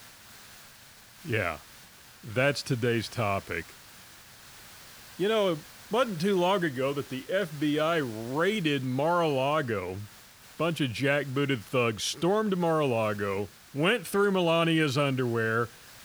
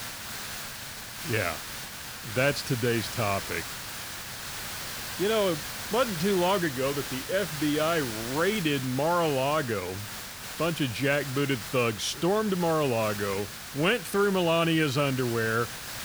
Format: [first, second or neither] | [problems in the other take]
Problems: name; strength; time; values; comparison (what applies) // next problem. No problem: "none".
first | hiss; loud; throughout; 8 dB below the speech; faint in the first